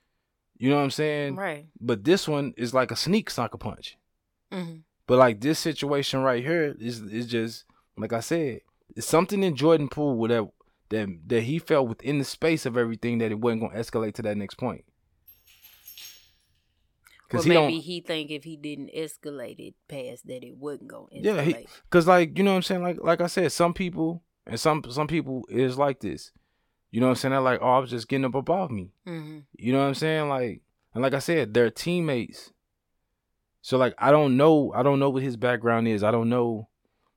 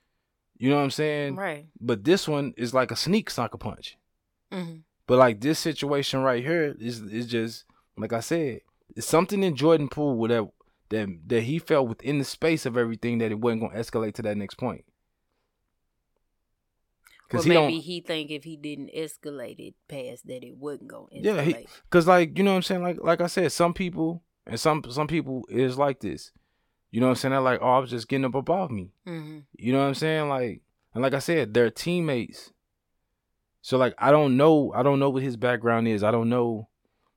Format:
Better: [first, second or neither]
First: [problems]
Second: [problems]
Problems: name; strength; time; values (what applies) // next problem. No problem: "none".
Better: second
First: jangling keys; faint; from 15 to 16 s; peak 20 dB below the speech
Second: none